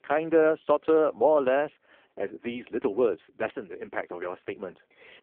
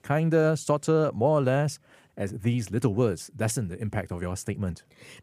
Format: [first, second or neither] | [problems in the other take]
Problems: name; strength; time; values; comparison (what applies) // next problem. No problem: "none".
second | phone-call audio; poor line